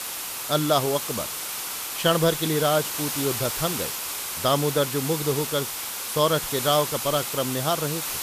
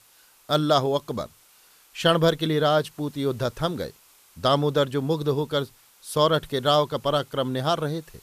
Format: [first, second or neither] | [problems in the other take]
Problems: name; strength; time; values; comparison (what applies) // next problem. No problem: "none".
second | hiss; loud; throughout; 3 dB below the speech; faint in the second